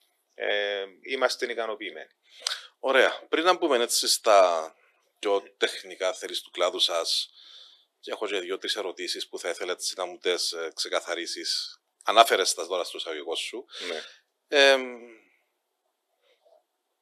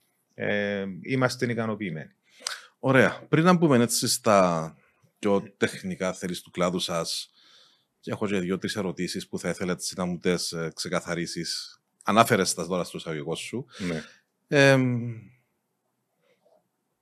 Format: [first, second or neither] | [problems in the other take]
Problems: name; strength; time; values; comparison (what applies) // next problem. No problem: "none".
second | thin; very; fading below 350 Hz